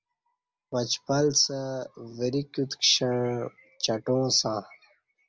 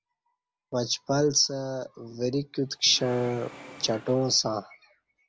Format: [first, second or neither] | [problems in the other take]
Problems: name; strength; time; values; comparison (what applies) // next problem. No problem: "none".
first | background sound (Engine / Mechanisms); 19 dB below the speech